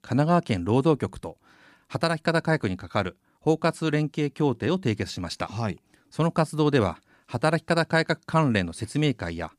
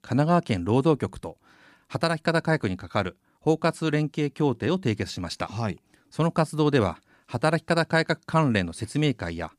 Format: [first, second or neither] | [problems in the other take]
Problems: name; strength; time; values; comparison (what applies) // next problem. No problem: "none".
neither | none